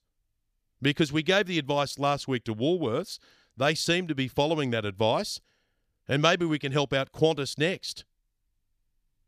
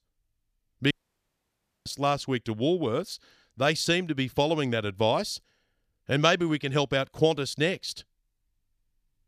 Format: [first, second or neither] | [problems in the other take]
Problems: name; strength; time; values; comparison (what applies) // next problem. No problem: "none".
first | audio cutting out; at 1 s for 1 s